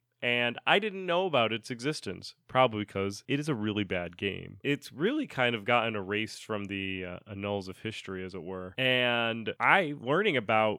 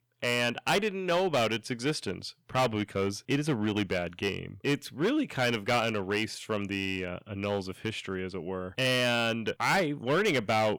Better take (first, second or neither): first